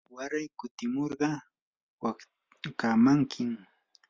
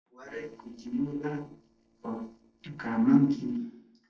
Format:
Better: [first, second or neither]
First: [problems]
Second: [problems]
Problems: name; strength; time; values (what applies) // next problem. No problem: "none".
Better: first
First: none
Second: noise reduction (neural separator model SepFormer DNS4)